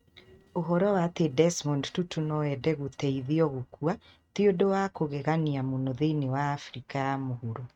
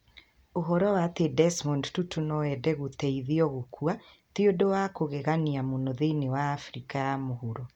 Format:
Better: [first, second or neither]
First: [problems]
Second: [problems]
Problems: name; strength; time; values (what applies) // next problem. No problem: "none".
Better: second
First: noise reduction (neural mask model RNNoise)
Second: none